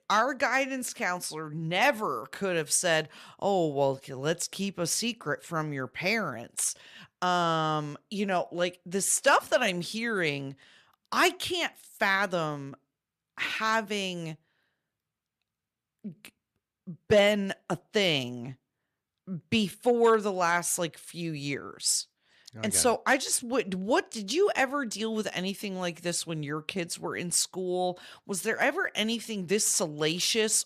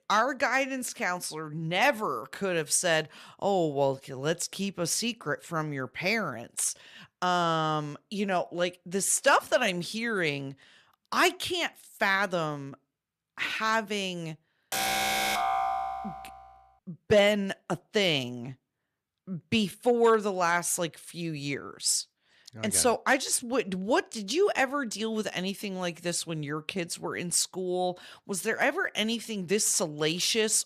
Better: first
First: none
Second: alarm; loud; from 15 to 16 s; peak 2 dB above the speech

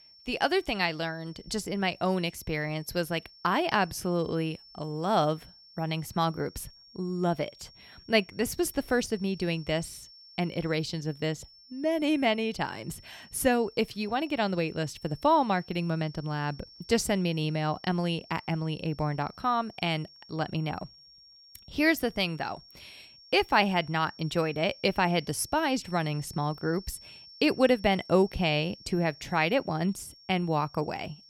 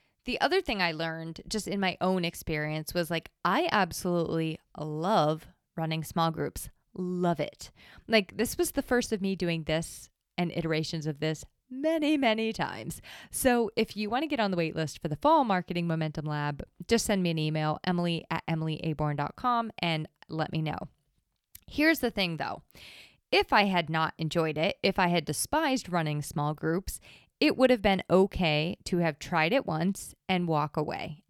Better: second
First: high-pitched whine; faint; throughout; 5.5 kHz, 20 dB below the speech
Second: none

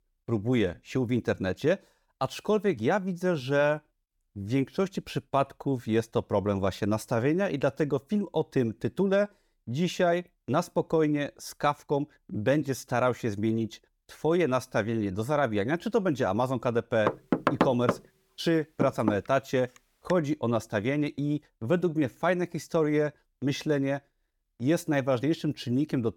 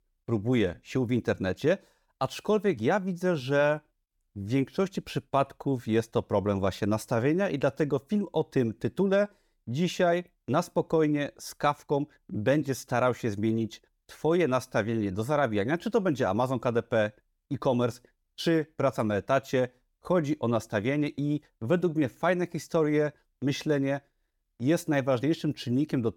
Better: second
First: door banging; loud; from 17 to 20 s; peak 2 dB above the speech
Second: none

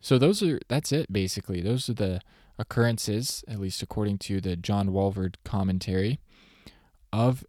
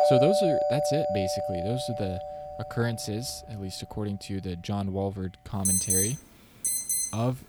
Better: first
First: none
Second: alarms or sirens; very loud; throughout; 5 dB above the speech

